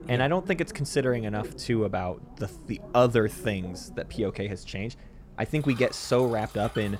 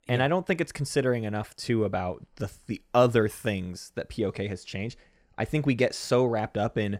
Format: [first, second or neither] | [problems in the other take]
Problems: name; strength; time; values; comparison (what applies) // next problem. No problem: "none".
second | traffic noise; noticeable; throughout; 15 dB below the speech